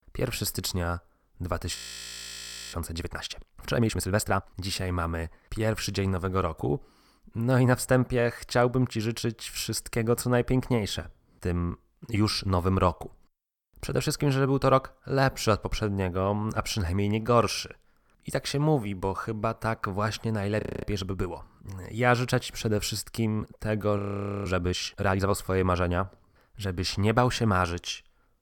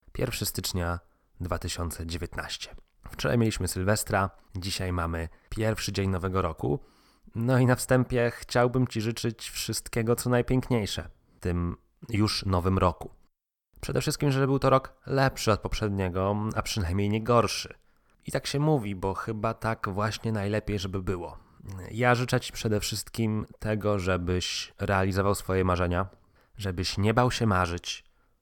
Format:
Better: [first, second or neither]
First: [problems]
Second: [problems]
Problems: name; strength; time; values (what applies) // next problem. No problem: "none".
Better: second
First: audio freezing; at 2 s for 1 s, at 21 s and at 24 s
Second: none